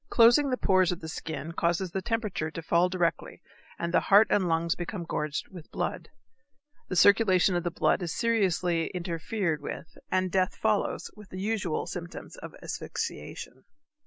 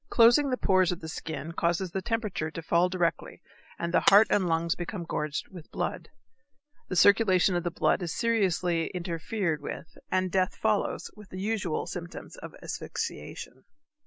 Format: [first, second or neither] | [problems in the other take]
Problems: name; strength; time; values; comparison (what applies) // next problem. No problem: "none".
first | background sound (Shatter); 11 dB below the speech